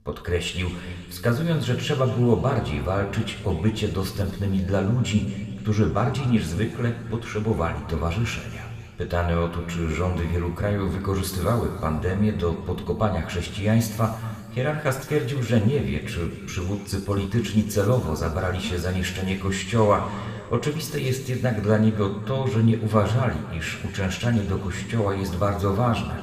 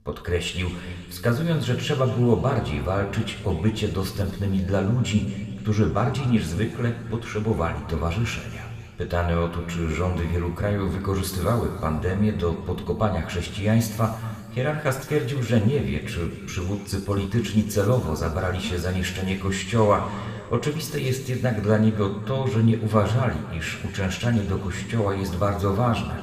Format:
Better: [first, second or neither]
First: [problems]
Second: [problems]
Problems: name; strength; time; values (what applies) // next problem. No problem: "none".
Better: neither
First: room echo; noticeable; dies away in 2.2 s // off-mic speech; somewhat distant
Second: room echo; noticeable; dies away in 2.2 s // off-mic speech; somewhat distant